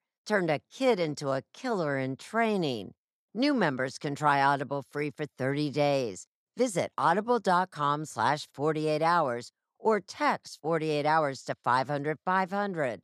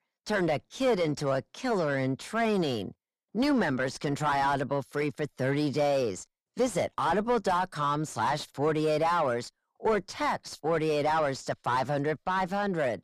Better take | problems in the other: first | distortion; heavy; 7 dB below the speech

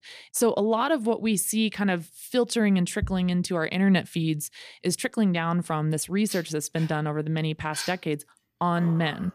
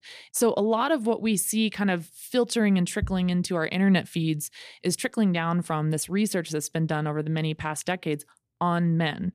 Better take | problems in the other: second | dog barking; noticeable; from 6.5 s on; peak 9 dB below the speech

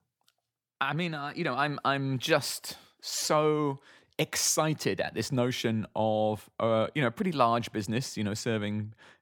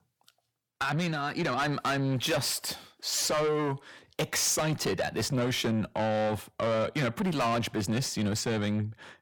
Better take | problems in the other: first | distortion; heavy; 6 dB below the speech

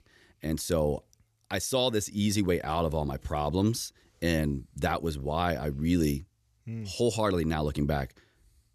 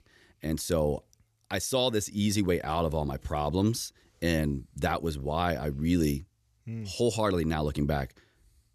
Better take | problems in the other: neither | none

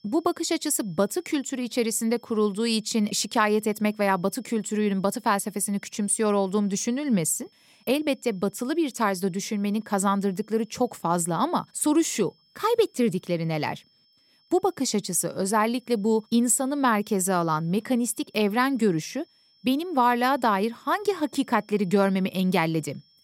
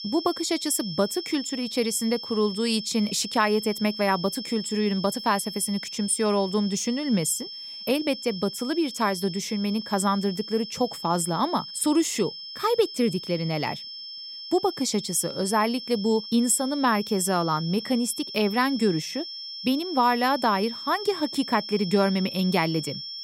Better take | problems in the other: first | high-pitched whine; loud; throughout; 5.5 kHz, 9 dB below the speech; faint in the first

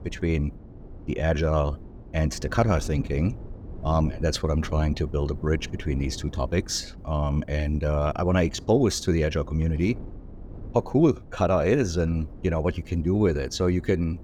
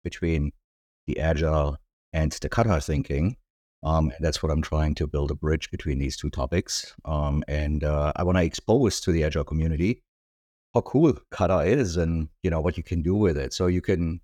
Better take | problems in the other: second | wind noise on the microphone; occasional gusts; 20 dB below the speech

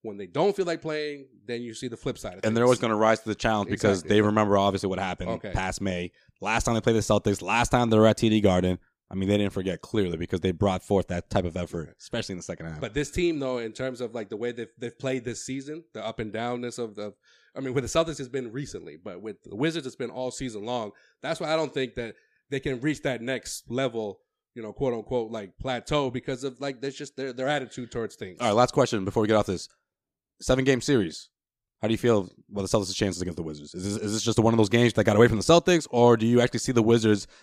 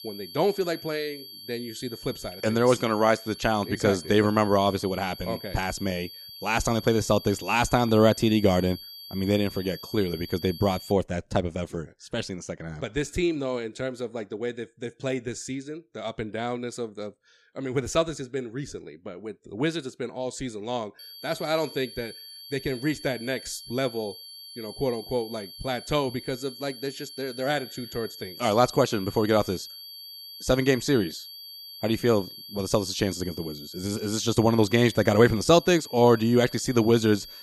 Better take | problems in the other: first | high-pitched whine; noticeable; until 11 s and from 21 s on; 4.5 kHz, 15 dB below the speech

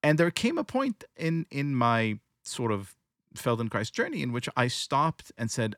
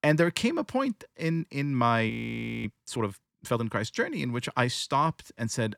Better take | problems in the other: first | audio freezing; at 2 s for 0.5 s

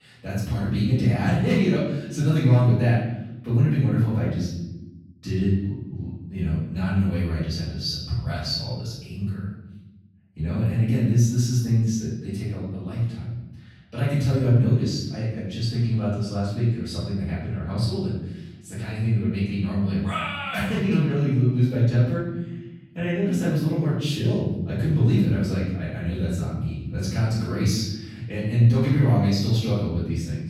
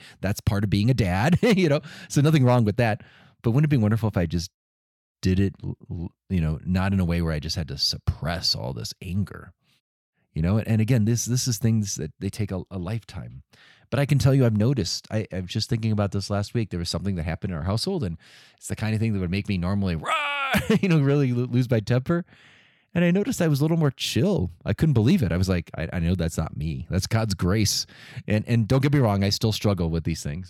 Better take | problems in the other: second | off-mic speech; far // room echo; noticeable; dies away in 1 s

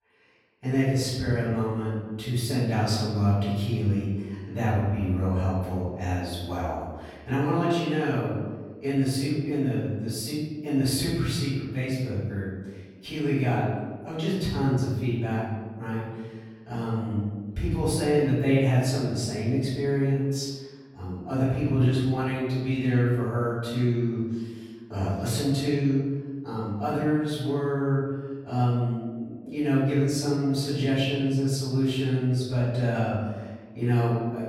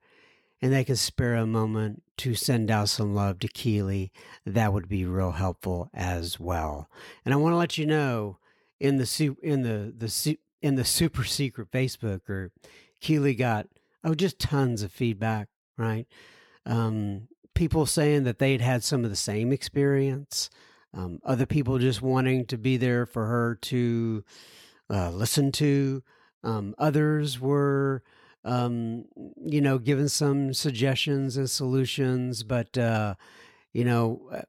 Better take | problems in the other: second | room echo; strong; dies away in 1.4 s // off-mic speech; far

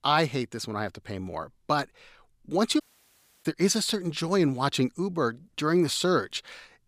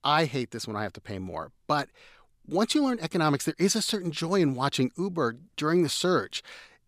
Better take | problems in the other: second | audio cutting out; at 3 s for 0.5 s

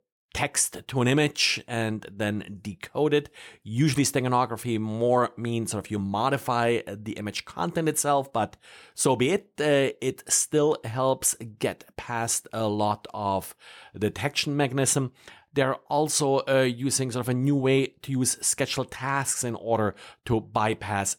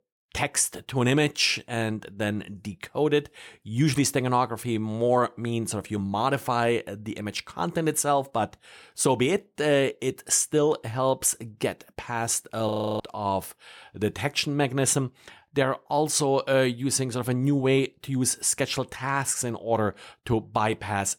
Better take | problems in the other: first | audio freezing; at 13 s

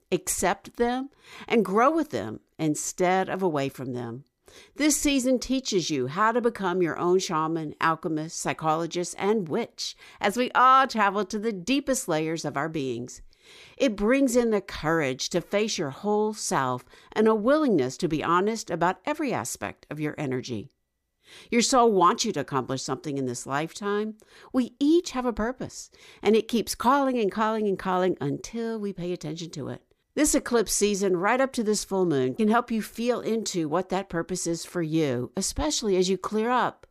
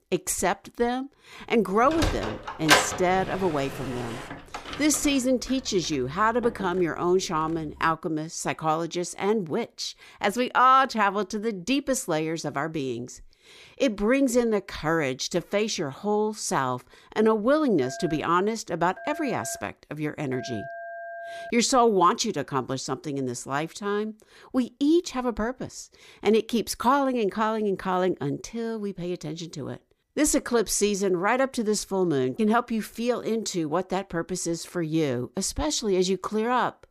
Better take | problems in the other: first | door banging; loud; from 2 to 4.5 s; peak 6 dB above the speech // phone ringing; faint; from 18 to 22 s; peak 10 dB below the speech

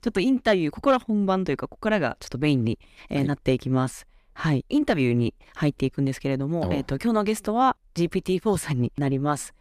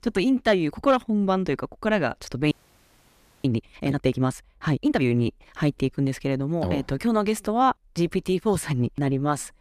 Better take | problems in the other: first | audio freezing; at 2.5 s for 1 s

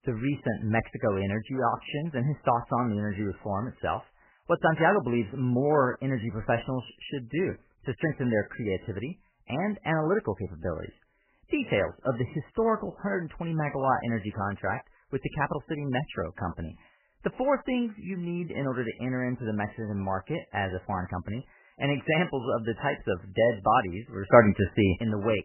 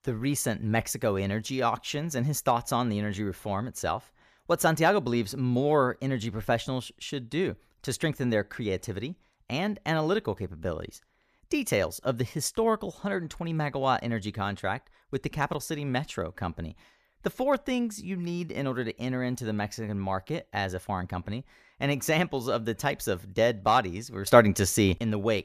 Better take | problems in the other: second | garbled, watery; badly; nothing above 3 kHz

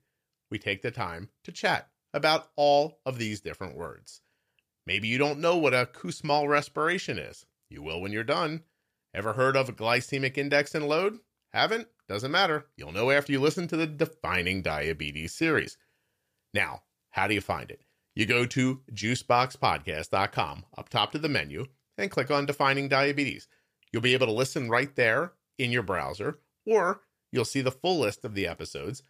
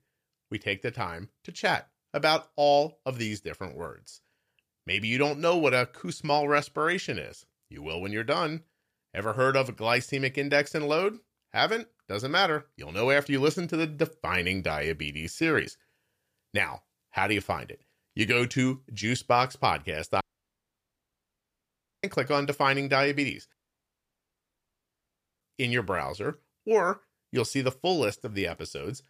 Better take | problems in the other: first | audio cutting out; at 20 s for 2 s and at 24 s for 2 s

